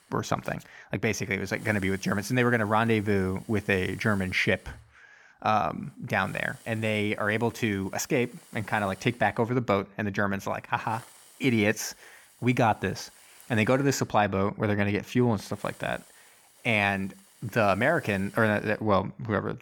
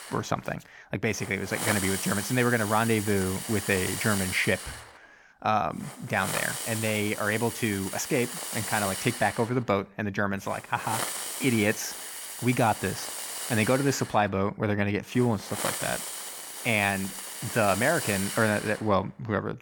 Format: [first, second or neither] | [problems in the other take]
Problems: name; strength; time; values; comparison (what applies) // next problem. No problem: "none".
first | hiss; loud; throughout; 6 dB below the speech; faint in the first